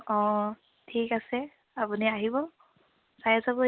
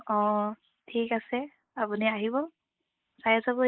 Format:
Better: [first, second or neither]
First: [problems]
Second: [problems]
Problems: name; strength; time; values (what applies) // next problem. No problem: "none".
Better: first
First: none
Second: noise reduction (neural mask model Resemble Enhance denoiser)